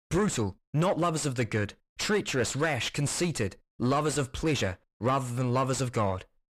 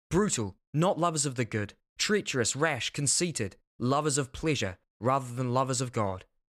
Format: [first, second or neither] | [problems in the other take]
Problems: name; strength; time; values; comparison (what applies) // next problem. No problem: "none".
second | distortion; heavy; 7 dB below the speech